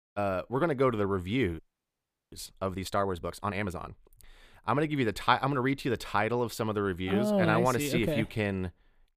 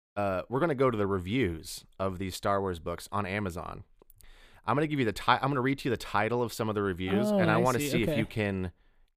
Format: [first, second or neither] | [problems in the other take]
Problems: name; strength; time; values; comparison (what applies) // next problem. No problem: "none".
second | audio freezing; at 1.5 s for 0.5 s